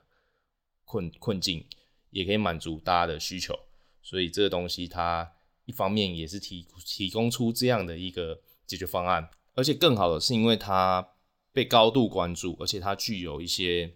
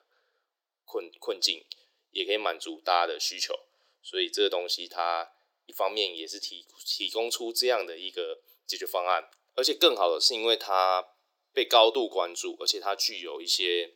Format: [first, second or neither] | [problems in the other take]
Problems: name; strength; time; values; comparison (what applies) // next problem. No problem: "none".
first | thin; very; fading below 350 Hz